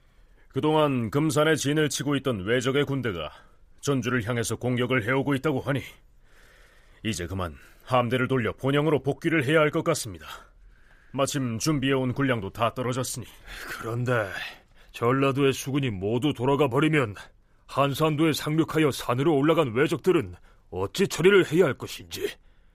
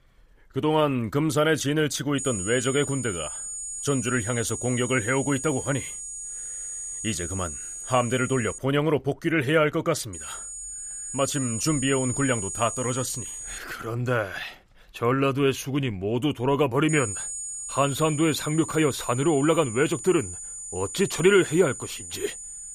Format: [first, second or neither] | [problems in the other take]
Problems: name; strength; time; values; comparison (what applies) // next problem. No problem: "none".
first | high-pitched whine; loud; from 2 to 8.5 s, from 10 to 14 s and from 17 s on; 7 kHz, 7 dB below the speech